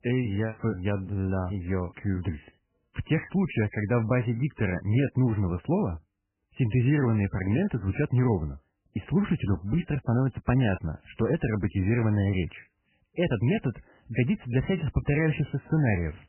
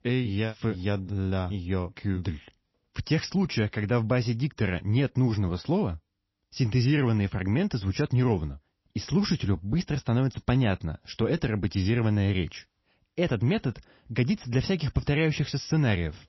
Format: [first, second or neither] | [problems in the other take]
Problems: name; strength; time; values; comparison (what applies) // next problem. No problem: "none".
second | garbled, watery; badly; nothing above 3 kHz; slightly in the second